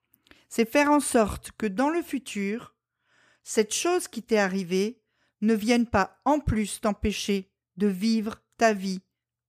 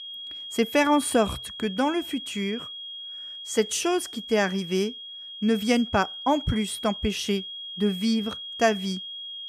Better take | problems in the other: first | high-pitched whine; loud; throughout; 3.5 kHz, 9 dB below the speech

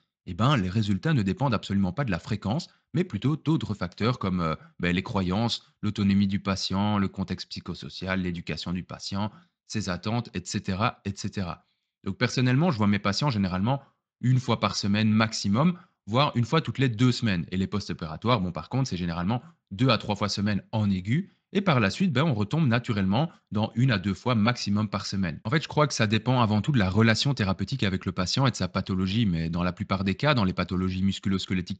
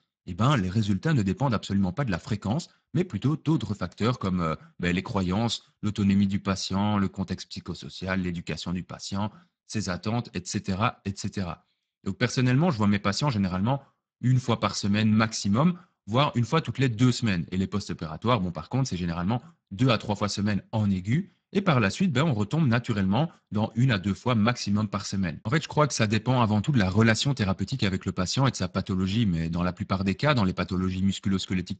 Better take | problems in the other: first | garbled, watery; badly; nothing above 7.5 kHz; slightly in the first

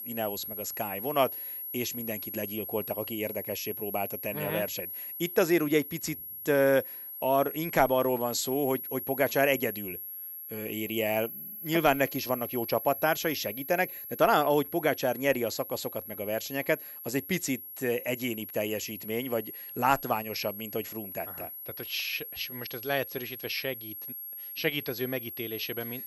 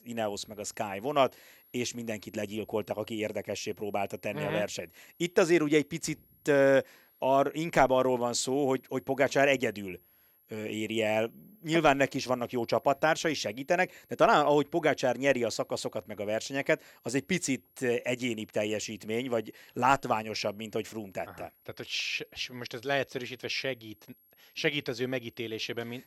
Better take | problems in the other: second | high-pitched whine; loud; throughout; 11.5 kHz, 7 dB below the speech; faint in the second

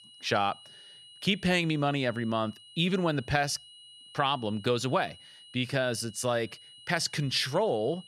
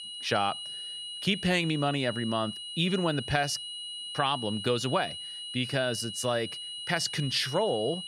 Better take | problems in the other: first | high-pitched whine; loud; throughout; 3 kHz, 7 dB below the speech; faint in the first

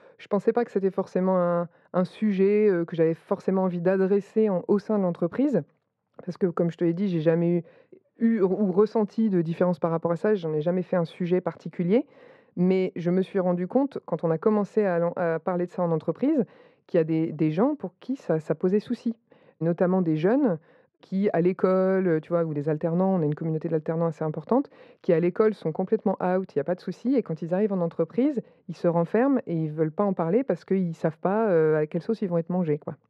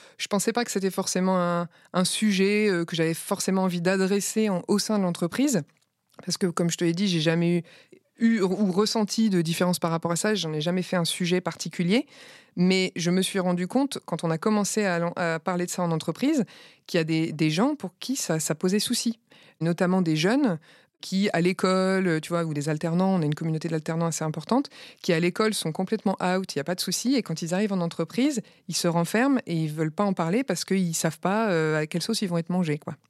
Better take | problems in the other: second | muffled; very; fading above 3.5 kHz

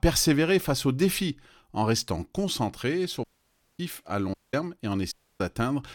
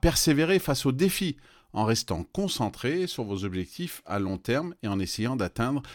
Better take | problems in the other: second | audio cutting out; at 3 s for 0.5 s, at 4.5 s and at 5 s

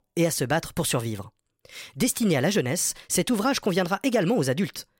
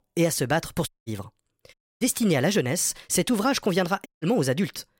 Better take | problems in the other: first | audio cutting out; at 1 s, at 1.5 s and at 4 s

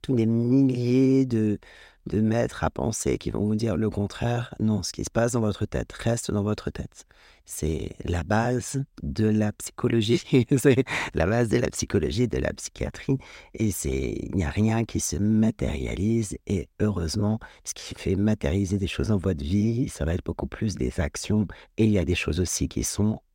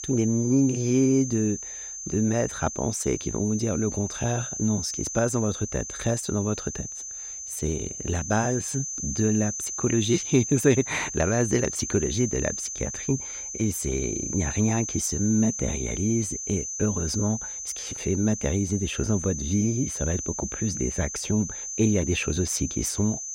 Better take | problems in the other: first | high-pitched whine; loud; throughout; 6 kHz, 5 dB below the speech

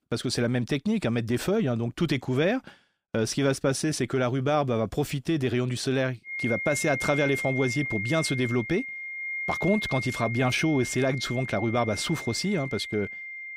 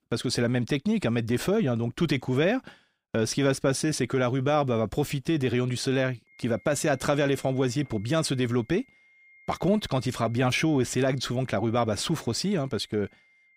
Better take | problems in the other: second | high-pitched whine; loud; from 6.5 s on; 2 kHz, 5 dB below the speech; faint in the second

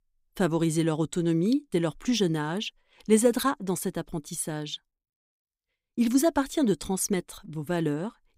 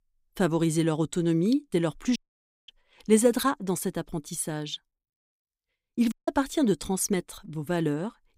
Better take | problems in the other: first | audio cutting out; at 2 s for 0.5 s and at 6 s

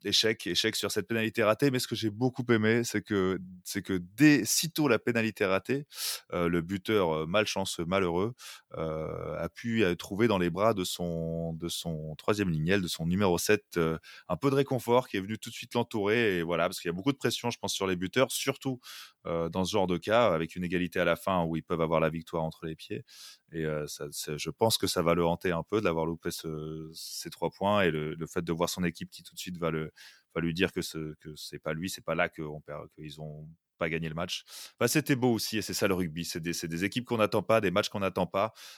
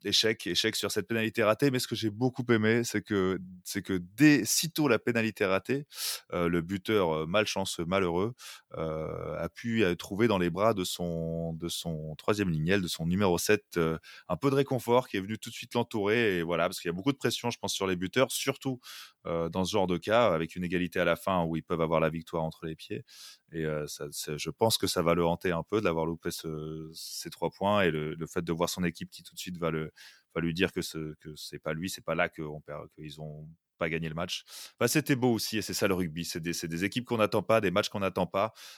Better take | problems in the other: neither | none

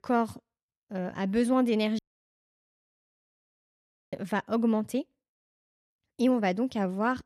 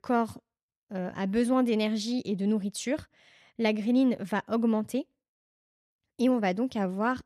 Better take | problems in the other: second | audio cutting out; at 2 s for 2 s

